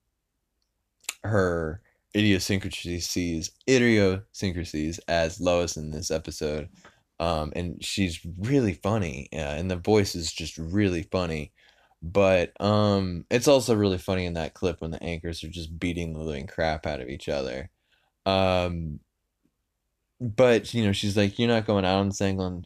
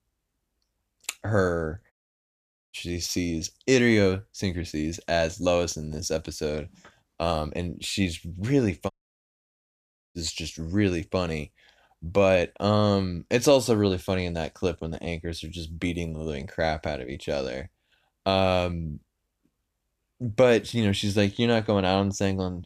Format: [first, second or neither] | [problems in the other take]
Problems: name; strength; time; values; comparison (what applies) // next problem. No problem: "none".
first | audio cutting out; at 2 s for 1 s and at 9 s for 1.5 s